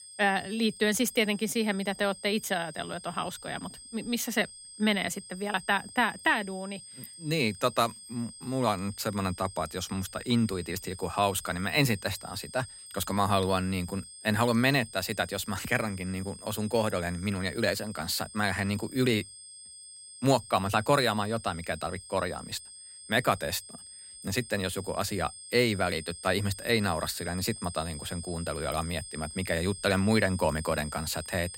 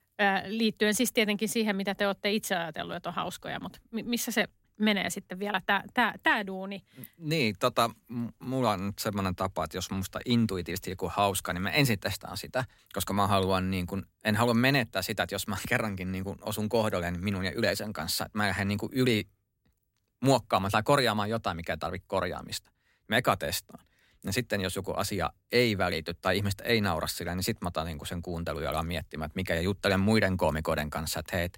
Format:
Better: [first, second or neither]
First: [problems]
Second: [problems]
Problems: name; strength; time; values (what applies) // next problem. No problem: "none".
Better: second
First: high-pitched whine; noticeable; throughout; 8.5 kHz, 15 dB below the speech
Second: none